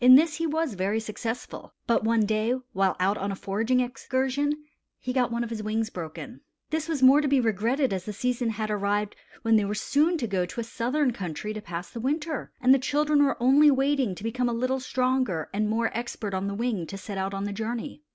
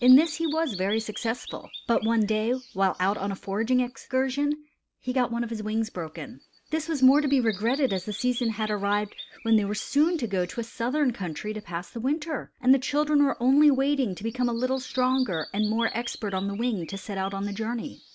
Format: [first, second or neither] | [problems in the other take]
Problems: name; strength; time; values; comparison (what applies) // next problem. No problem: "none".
first | background sound (Bird vocalization, bird call, bird song); 18 dB below the speech